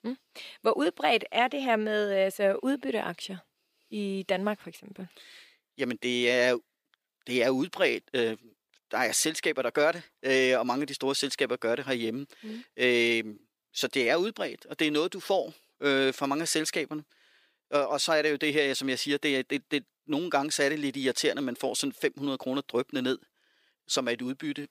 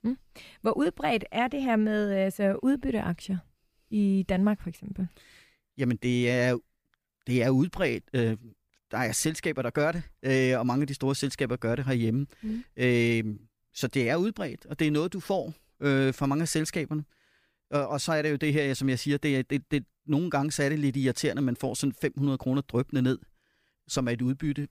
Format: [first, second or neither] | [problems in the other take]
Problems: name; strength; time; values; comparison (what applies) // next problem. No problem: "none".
second | thin; somewhat; fading below 400 Hz